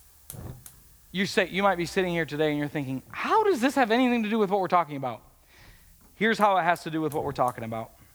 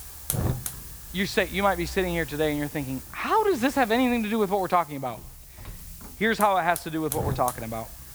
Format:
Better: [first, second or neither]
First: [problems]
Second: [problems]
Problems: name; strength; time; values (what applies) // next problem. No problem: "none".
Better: first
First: hiss; faint; throughout; 25 dB below the speech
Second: hiss; loud; throughout; 10 dB below the speech